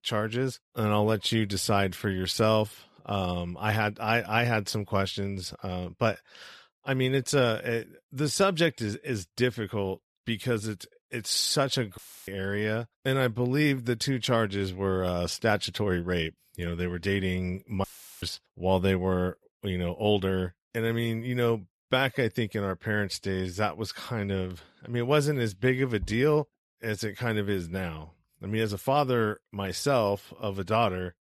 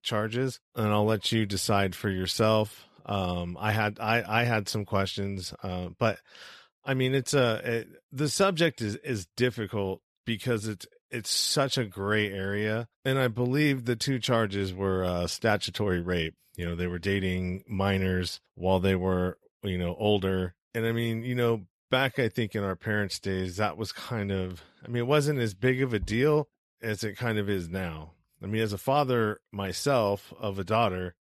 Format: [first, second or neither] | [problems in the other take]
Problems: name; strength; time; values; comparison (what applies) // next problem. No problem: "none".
second | audio cutting out; filled with static; at 12 s and at 18 s